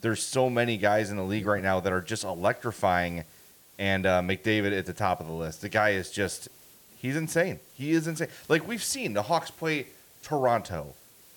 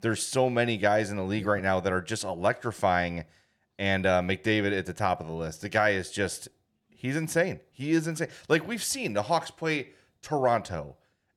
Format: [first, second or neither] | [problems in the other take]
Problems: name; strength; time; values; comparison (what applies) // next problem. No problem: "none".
second | hiss; faint; throughout; 25 dB below the speech